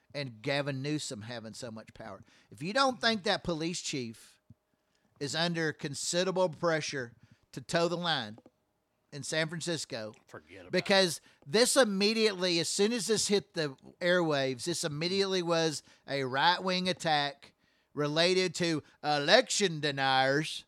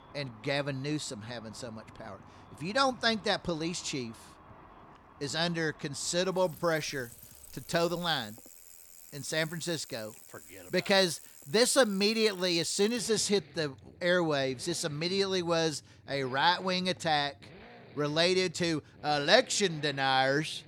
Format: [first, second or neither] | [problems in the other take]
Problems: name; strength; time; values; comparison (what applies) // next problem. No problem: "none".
first | traffic noise; faint; throughout; 20 dB below the speech